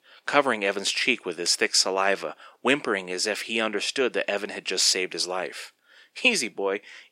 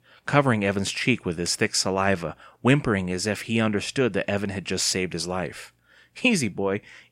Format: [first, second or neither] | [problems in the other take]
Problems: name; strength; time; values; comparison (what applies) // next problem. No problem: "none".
second | thin; somewhat; fading below 300 Hz